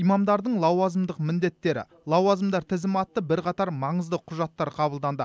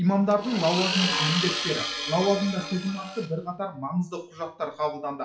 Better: first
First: none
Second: noise reduction (classical method WPE with log-MMSE)

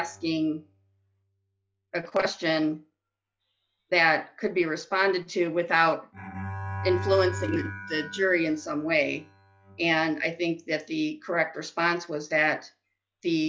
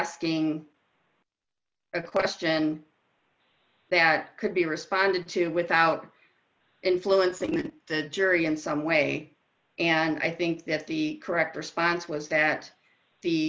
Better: second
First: noise reduction (classical method log-MMSE)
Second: none

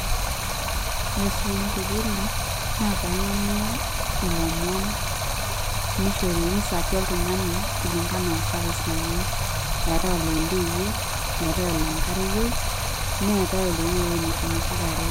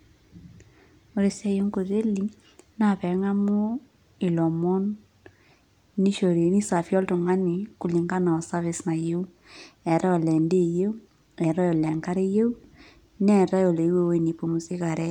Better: second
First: background sound (Stream); 4 dB above the speech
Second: none

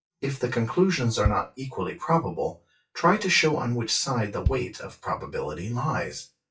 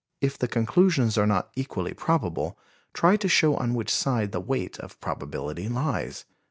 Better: second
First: noise reduction (classical method WPE with log-MMSE)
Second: none

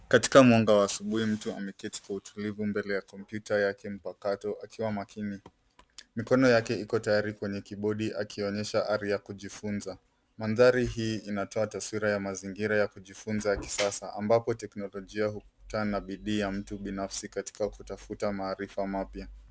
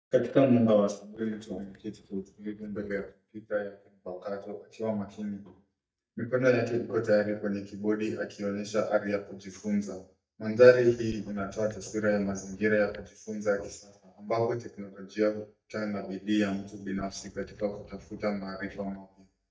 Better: first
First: none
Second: noise reduction (neural mask model DeepFilterNet 3)

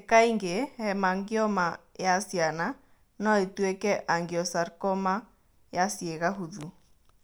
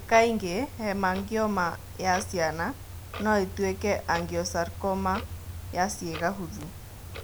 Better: first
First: none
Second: background sound (Clock); 11 dB below the speech

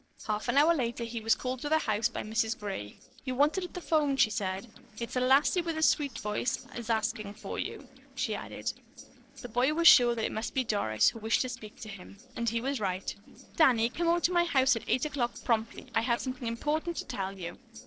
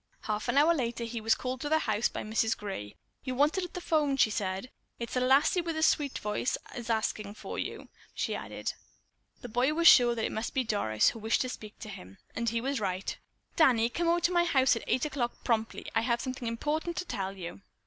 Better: second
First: noise reduction (neural separator model SepFormer DNS4)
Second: none

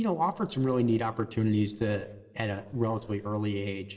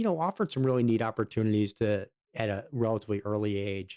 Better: second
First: noise reduction (neural separator model SepFormer DNS4)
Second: none

